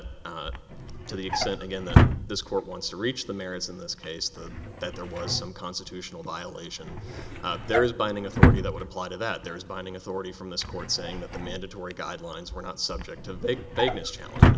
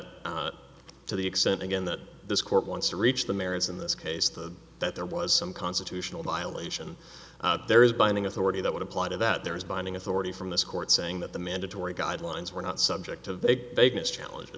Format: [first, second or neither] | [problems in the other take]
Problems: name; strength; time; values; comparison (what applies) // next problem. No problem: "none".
second | background sound (Drawer open or close); 4 dB above the speech